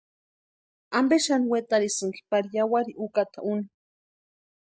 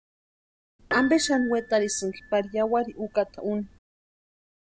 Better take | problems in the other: first | background sound (Piano); 11 dB below the speech

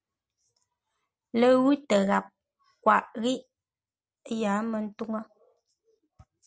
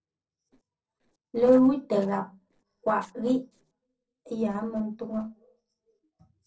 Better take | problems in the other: first | noise reduction (neural separator model SepFormer DNS4)

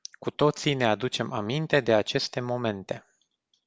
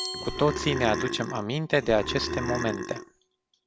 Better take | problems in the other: first | background sound (Glass + Burping, eructation); 6 dB below the speech

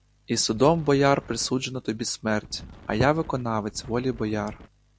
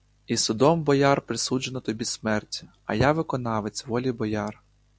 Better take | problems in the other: second | background sound (Wind); 19 dB below the speech

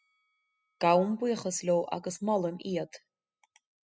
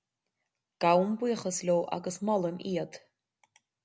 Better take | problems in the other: second | noise reduction (classical method spectral subtraction)

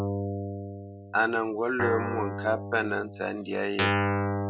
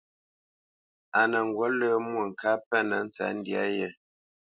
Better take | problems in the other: second | background sound (Guitar); 1 dB below the speech

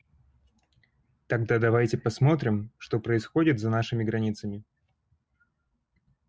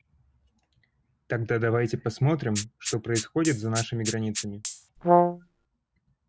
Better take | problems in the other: first | background sound (Rattle (instrument) + Brass instrument); 1 dB above the speech

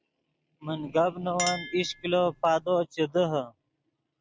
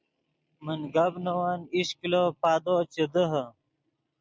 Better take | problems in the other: second | background sound (Chink, clink); 13 dB below the speech

